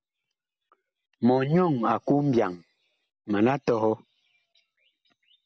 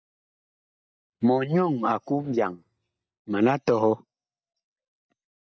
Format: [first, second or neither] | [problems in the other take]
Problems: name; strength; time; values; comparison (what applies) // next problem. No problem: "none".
first | noise reduction (neural mask model DeepFilterNet 3)